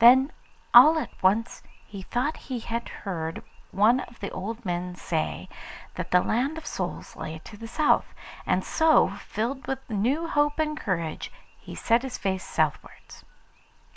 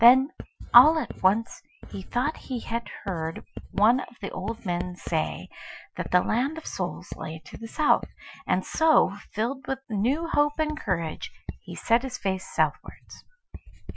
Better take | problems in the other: first | noise reduction (classical method Wiener filter)

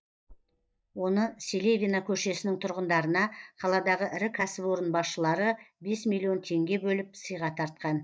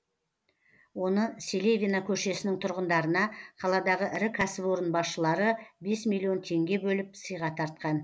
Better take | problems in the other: second | noise reduction (neural mask model DeepFilterNet 3)

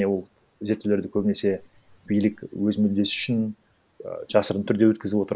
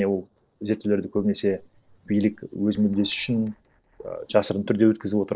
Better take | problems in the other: first | noise reduction (neural separator model SepFormer DNS4)

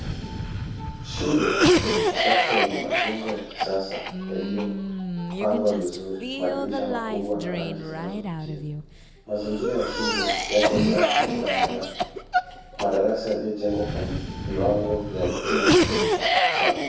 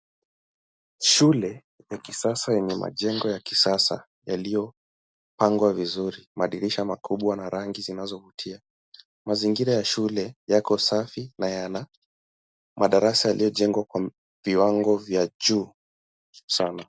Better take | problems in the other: second | background sound (Cough); 3 dB above the speech // room echo; dies away in 0.7 s

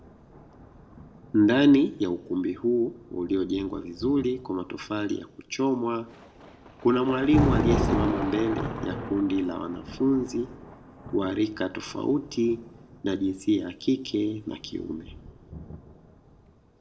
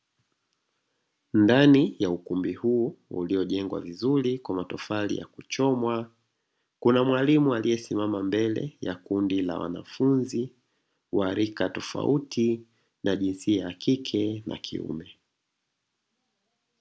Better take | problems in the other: second | background sound (Thunder); 8 dB below the speech // room echo; dies away in 1 s

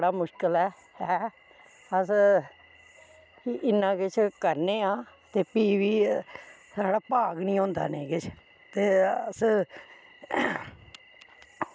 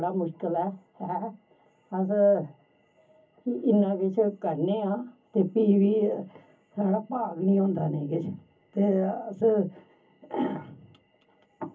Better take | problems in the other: first | room echo; dies away in 0.3 s

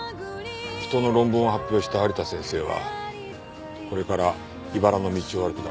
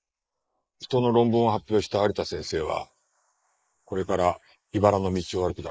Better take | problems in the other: first | noise reduction (neural mask model Resemble Enhance denoiser)

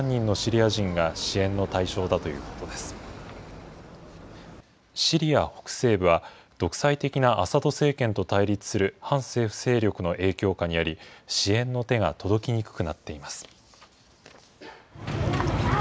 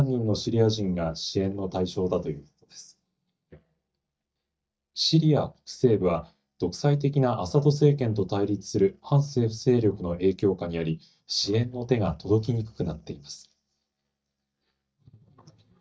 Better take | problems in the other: first | noise reduction (neural mask model DeepFilterNet 3)

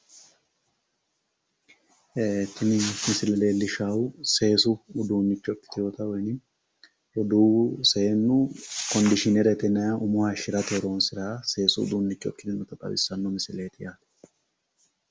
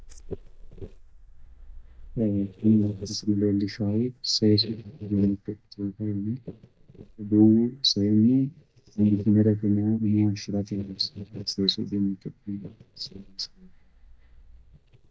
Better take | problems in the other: first | noise reduction (neural mask model DeepFilterNet 3)

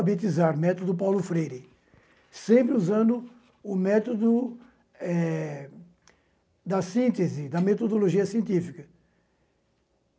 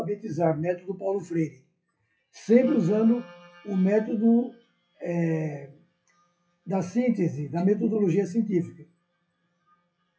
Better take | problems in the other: first | noise reduction (classical method WPE with log-MMSE)

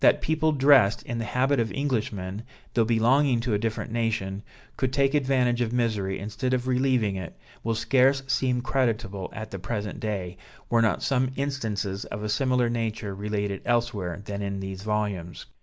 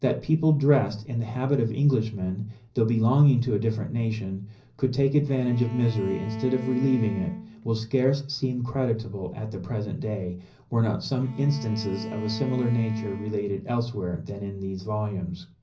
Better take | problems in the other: first | background sound (Bowed string instrument); 12 dB below the speech // room echo; dies away in 0.5 s

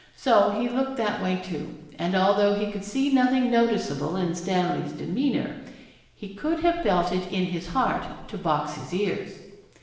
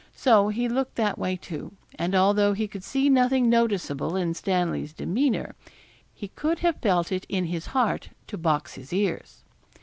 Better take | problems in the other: second | room echo; dies away in 0.9 s

